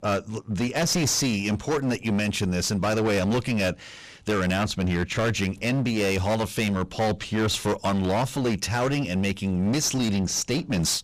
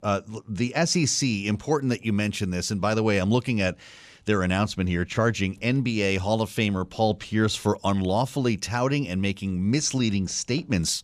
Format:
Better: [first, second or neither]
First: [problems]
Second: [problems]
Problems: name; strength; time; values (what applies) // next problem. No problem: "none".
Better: second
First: distortion; heavy; 22% of the sound clipped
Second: none